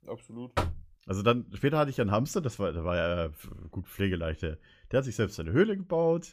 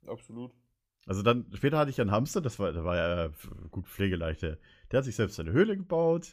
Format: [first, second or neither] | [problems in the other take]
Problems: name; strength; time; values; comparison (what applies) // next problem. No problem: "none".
second | door banging; noticeable; at 0.5 s; peak 3 dB below the speech